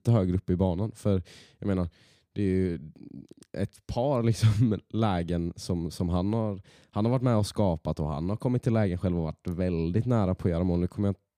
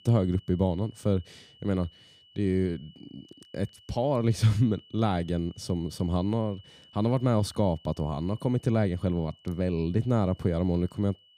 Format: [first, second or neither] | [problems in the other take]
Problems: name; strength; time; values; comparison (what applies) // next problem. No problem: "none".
first | high-pitched whine; faint; throughout; 3 kHz, 25 dB below the speech